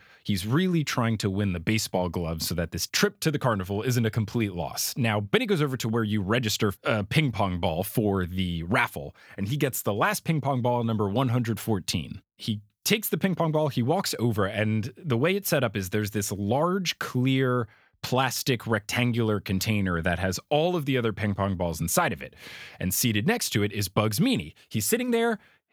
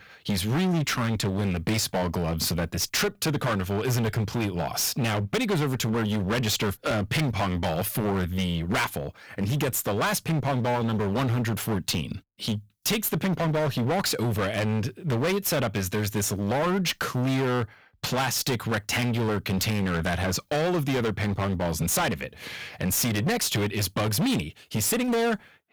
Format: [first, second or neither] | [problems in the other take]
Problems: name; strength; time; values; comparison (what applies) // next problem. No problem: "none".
first | distortion; heavy; 24% of the sound clipped